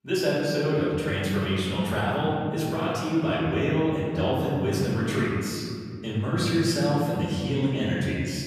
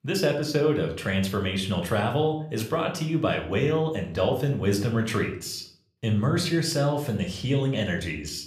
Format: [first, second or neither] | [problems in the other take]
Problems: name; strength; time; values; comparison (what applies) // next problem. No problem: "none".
second | room echo; strong; dies away in 2.2 s; slight in the second // off-mic speech; far